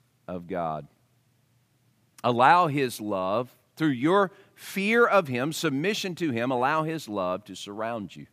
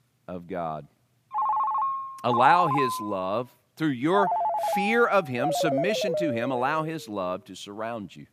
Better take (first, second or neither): first